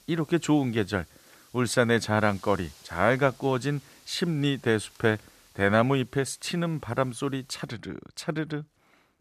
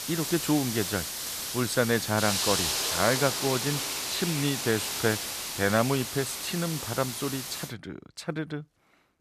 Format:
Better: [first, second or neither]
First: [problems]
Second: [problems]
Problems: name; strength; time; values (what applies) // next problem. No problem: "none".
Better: first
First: hiss; faint; until 7.5 s; 25 dB below the speech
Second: hiss; loud; until 7.5 s; 1 dB below the speech